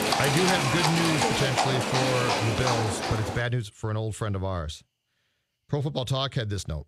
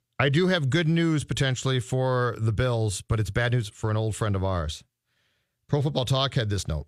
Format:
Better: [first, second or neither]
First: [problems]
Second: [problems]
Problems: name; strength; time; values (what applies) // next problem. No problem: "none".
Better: second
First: animal sounds; very loud; throughout; 3 dB above the speech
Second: none